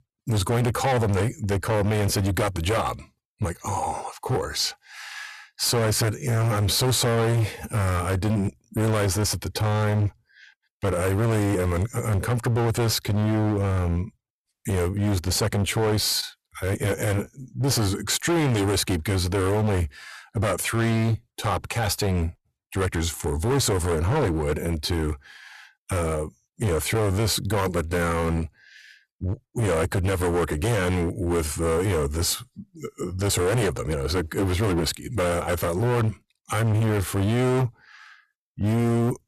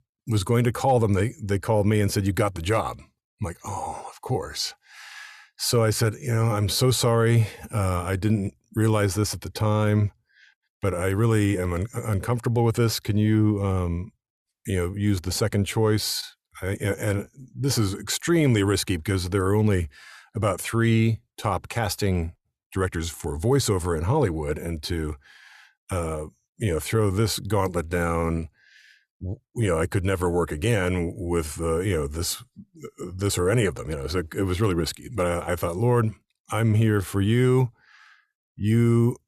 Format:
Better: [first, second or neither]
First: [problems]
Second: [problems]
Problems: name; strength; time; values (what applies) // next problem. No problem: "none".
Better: second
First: distortion; heavy; 20% of the sound clipped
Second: none